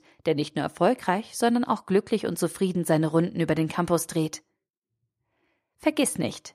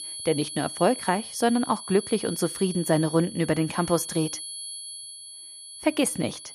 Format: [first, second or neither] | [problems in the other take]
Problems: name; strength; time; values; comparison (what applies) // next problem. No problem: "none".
first | high-pitched whine; loud; throughout; 10.5 kHz, 10 dB below the speech